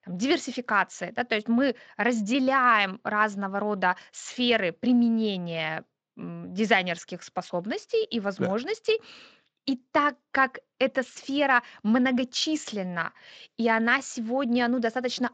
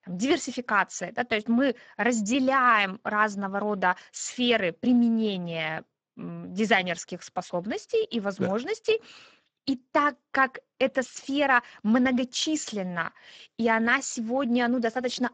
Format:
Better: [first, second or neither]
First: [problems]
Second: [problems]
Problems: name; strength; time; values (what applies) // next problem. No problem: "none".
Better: first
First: garbled, watery; slightly; nothing above 7.5 kHz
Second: garbled, watery; badly; nothing above 7.5 kHz